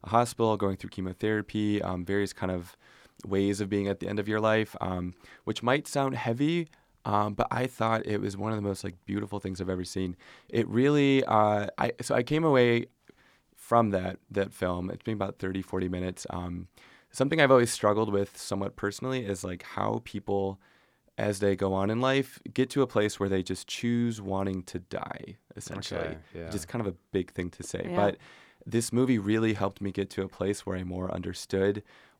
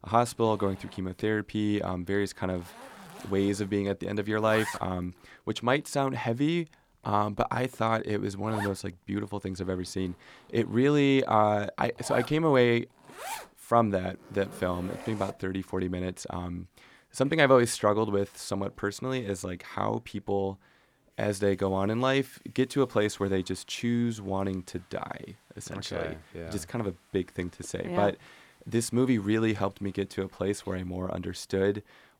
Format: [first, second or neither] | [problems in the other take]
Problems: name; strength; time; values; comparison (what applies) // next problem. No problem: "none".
first | household noises; noticeable; throughout; 15 dB below the speech